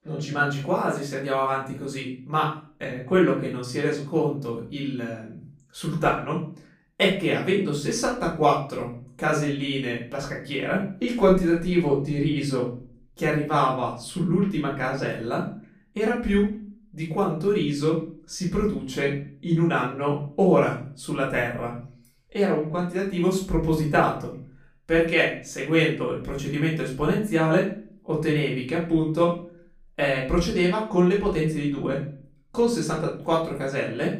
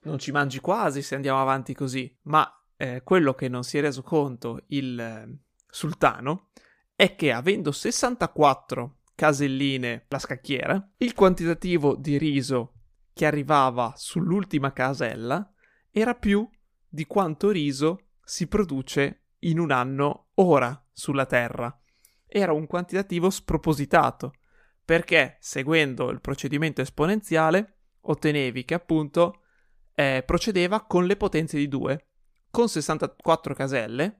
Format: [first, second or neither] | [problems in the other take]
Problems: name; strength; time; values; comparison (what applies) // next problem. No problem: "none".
second | off-mic speech; far // room echo; slight; dies away in 0.4 s